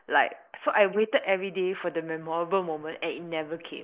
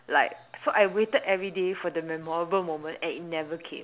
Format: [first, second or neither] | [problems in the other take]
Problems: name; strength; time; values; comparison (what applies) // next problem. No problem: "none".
second | noise reduction (neural mask model Resemble Enhance denoiser)